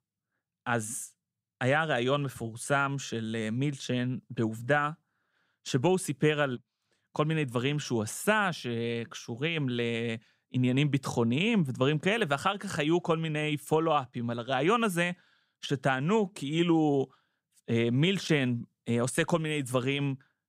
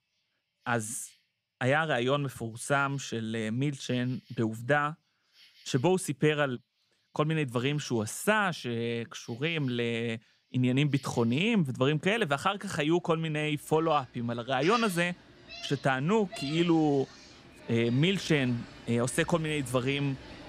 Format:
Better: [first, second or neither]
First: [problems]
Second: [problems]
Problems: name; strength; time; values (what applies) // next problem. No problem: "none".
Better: first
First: none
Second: animal sounds; noticeable; throughout; 20 dB below the speech